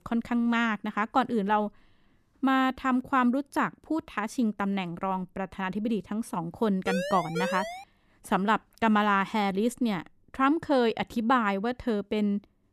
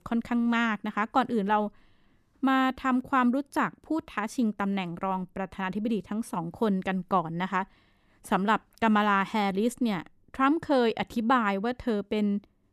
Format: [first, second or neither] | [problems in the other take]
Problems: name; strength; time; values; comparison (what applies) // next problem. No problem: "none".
second | siren; noticeable; at 7 s; peak 5 dB below the speech